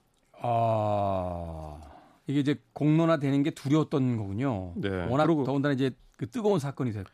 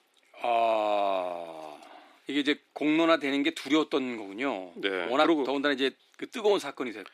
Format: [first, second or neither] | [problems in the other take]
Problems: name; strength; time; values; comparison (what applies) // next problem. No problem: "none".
first | thin; somewhat; fading below 300 Hz